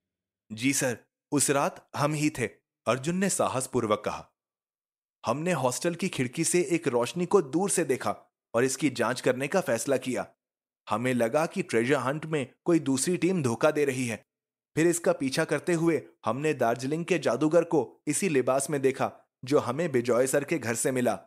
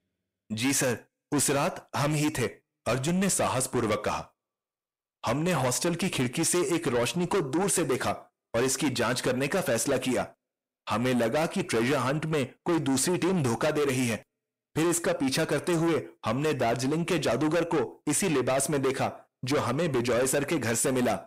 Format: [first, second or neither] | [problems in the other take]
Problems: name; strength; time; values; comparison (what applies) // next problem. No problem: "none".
first | distortion; heavy; 6 dB below the speech